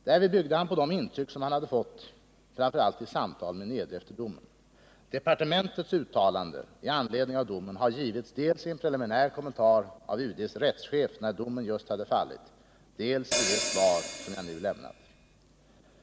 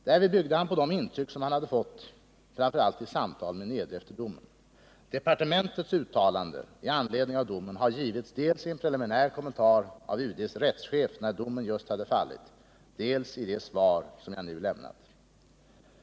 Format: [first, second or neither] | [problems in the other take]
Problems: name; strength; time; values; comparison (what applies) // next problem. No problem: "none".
second | background sound (Hi-hat); 3 dB below the speech